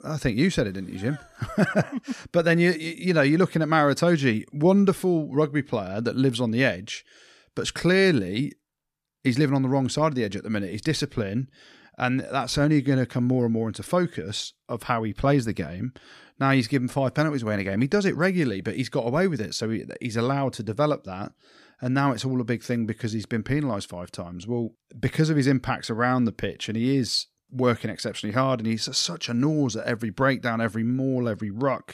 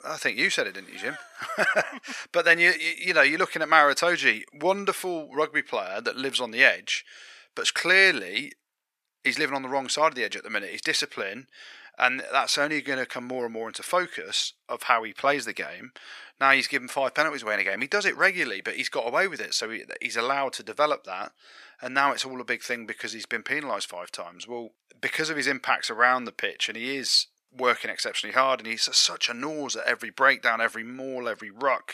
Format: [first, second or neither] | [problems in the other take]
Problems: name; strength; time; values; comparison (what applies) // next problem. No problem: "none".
first | thin; very; fading below 700 Hz